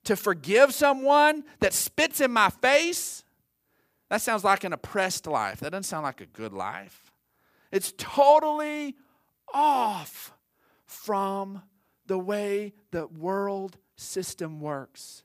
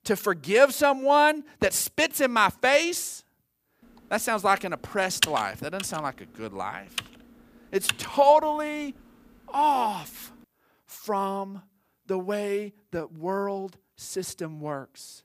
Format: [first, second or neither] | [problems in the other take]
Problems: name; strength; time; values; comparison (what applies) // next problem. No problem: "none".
first | keyboard typing; noticeable; from 5 to 8 s; peak level with the speech